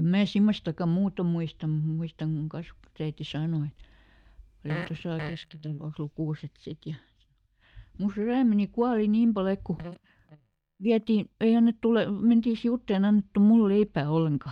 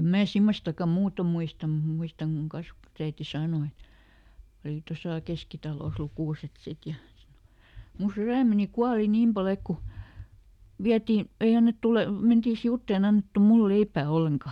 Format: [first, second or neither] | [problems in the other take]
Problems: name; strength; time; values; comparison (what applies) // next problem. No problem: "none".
second | noise reduction (neural mask model DeepFilterNet 3)